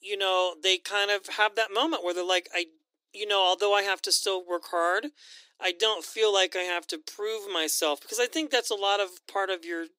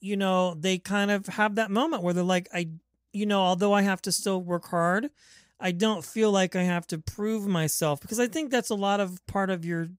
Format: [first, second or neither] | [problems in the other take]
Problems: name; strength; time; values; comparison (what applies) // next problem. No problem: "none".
second | thin; very; fading below 300 Hz